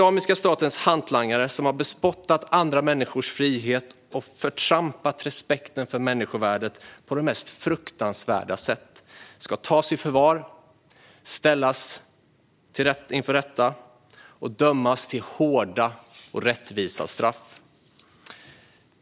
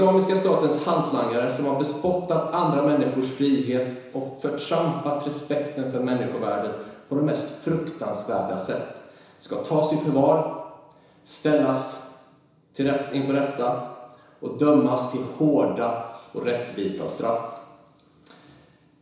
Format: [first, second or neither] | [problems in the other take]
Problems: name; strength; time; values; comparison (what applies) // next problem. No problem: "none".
first | room echo; dies away in 1 s